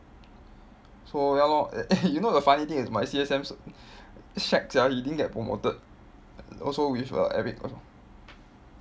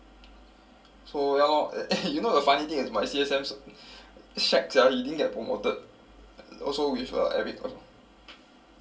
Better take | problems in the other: first | room echo; dies away in 0.2 s

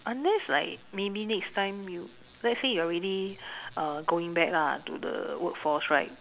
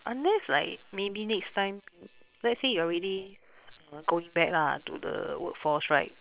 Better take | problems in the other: first | noise reduction (neural separator model SepFormer WHAM!)

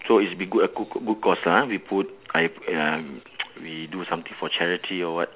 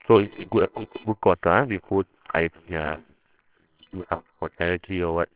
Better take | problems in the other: first | noise reduction (neural separator model SepFormer WHAMR!)

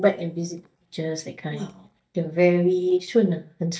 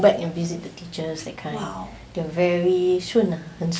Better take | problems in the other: second | noise reduction (neural mask model DeepFilterNet 3)

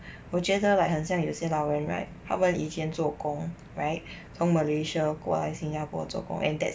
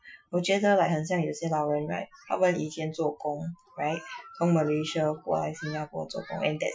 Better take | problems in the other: first | noise reduction (classical method Wiener filter)

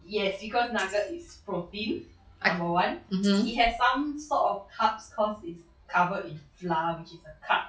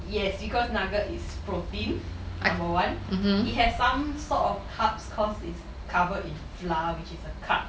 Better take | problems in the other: second | noise reduction (classical method log-MMSE)

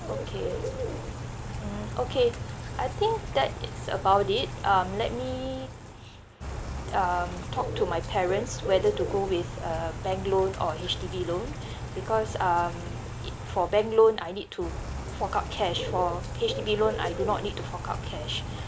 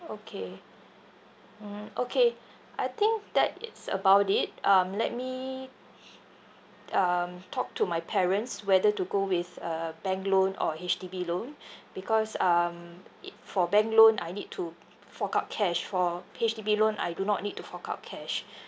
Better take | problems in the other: second | background sound (Bird / Rain); 6 dB below the speech

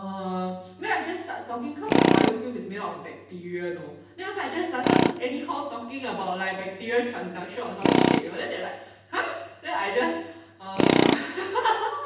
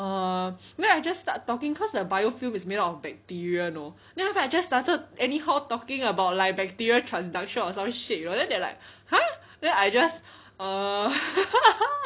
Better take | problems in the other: second | background sound (Tools); 2 dB above the speech // room echo; dies away in 0.8 s

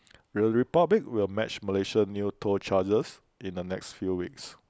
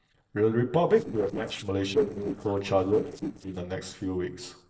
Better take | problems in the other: first | noise reduction (neural separator model SepFormer DNS4)

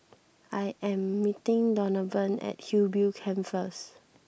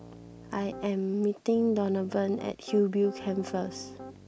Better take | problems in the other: first | background sound (Piano); 16 dB below the speech

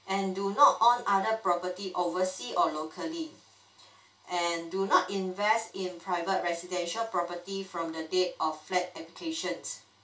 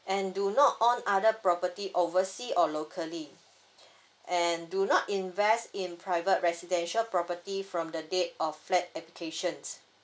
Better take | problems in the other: second | room echo; dies away in 0.2 s

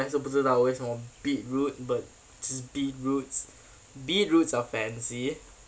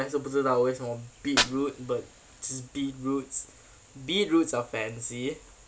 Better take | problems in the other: first | background sound (Fire); 8 dB below the speech

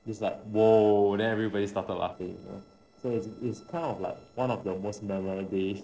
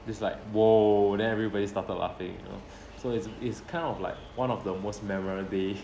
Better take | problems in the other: second | noise reduction (neural separator model SepFormer DNS4)

